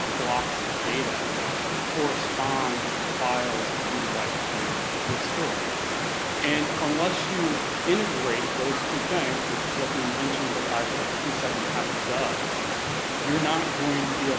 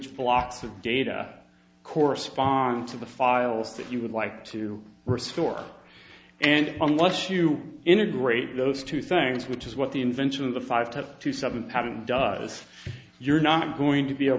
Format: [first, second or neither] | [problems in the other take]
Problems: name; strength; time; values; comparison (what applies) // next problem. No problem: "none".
second | background sound (Stream / Liquid); 3 dB above the speech